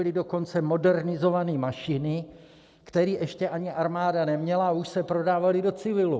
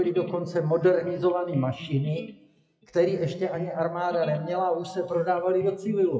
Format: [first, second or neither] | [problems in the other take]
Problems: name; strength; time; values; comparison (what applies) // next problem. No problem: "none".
first | noise reduction (classical method WPE with log-MMSE)